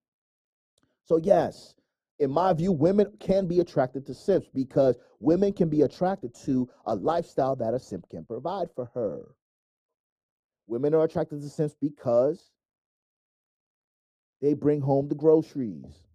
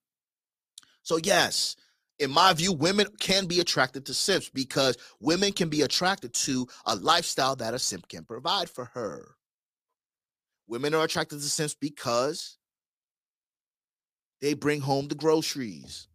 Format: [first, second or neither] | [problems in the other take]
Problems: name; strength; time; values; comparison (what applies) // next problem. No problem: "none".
second | muffled; very; fading above 1 kHz